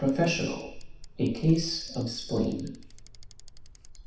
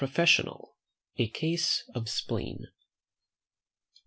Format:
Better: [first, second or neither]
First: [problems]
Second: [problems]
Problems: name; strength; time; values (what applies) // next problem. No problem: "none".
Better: second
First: background sound (Bicycle); 13 dB below the speech // room echo; dies away in 0.7 s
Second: none